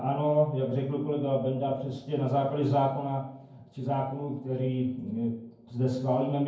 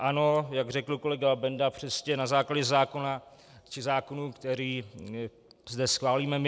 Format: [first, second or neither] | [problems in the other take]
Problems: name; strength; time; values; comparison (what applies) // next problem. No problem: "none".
second | room echo; dies away in 0.9 s